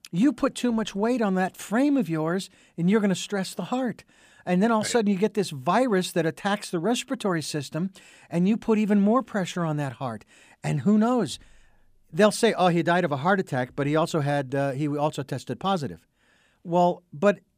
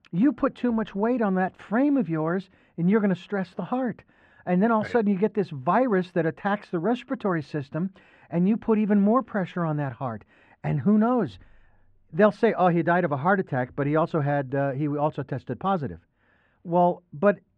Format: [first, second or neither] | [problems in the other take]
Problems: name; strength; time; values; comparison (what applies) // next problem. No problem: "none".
first | muffled; very; fading above 1.5 kHz